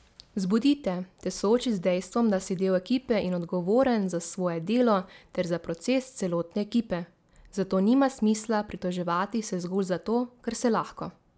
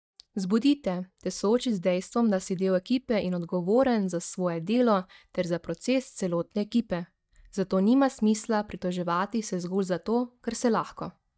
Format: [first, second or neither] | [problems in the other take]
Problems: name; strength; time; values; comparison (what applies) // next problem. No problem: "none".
first | noise reduction (neural mask model DeepFilterNet 3)